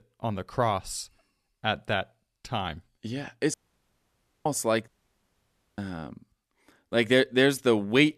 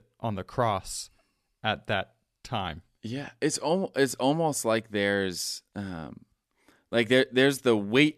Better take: second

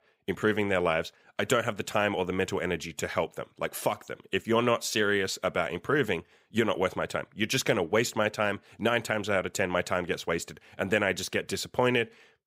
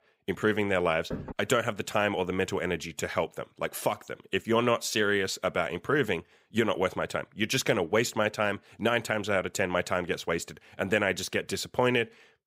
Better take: first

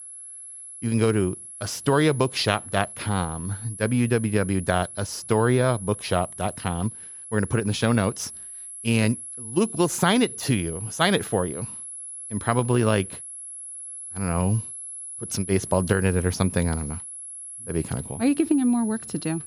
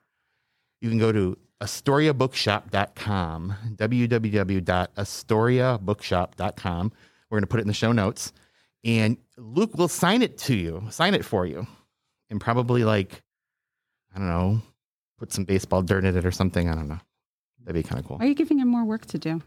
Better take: second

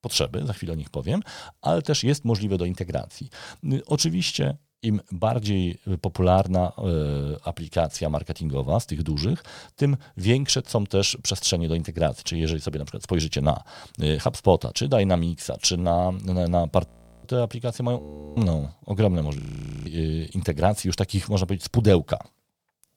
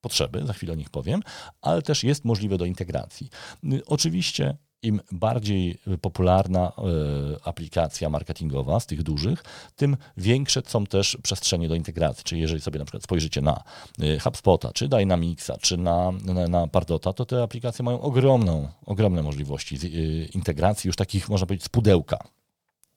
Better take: second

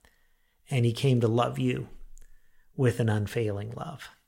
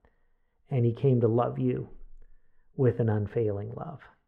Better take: first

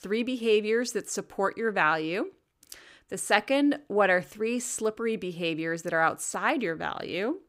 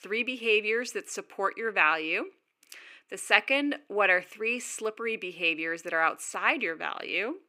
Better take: first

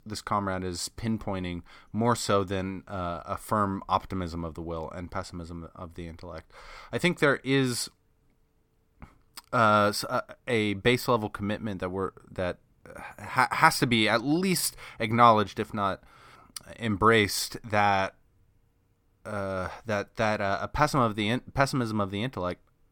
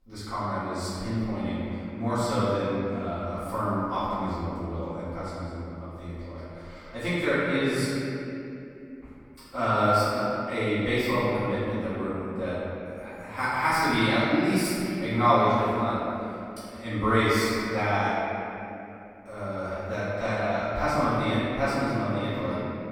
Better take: first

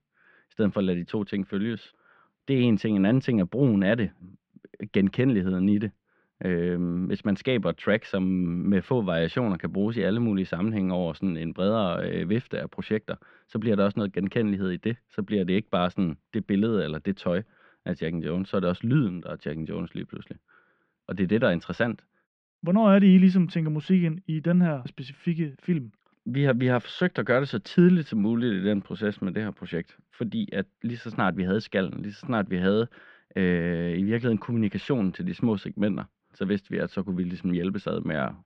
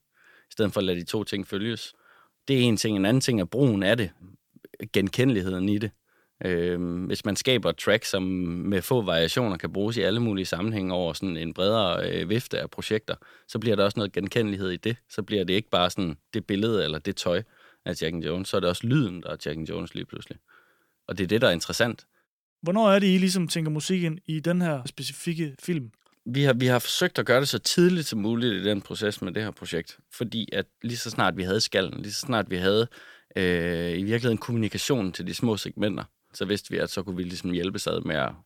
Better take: second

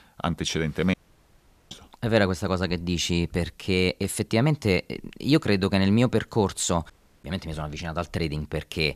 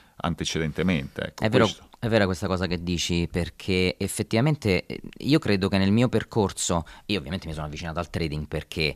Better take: second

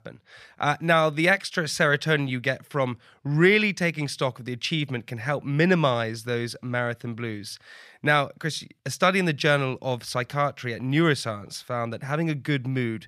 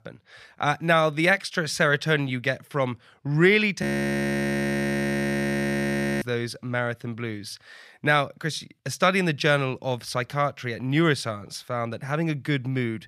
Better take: first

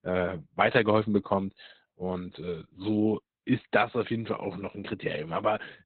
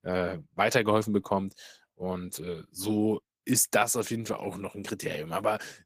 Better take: second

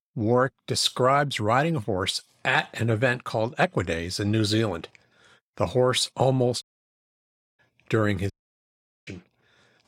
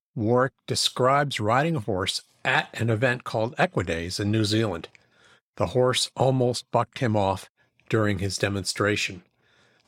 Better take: second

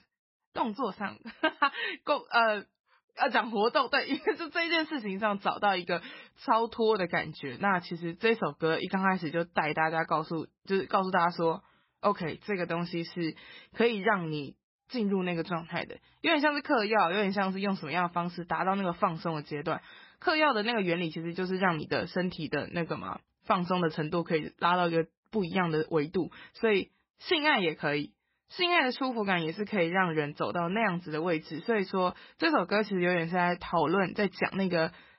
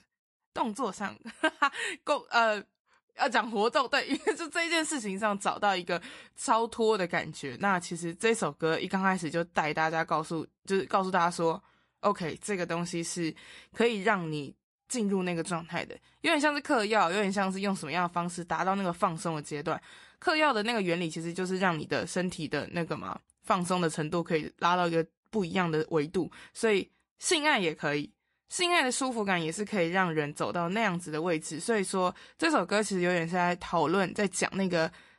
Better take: second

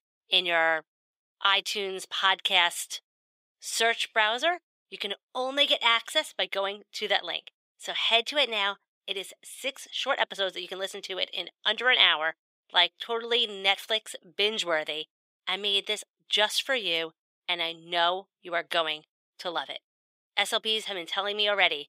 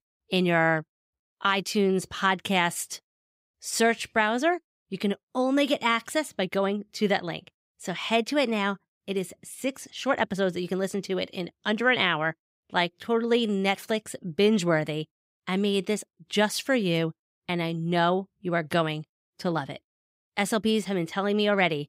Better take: second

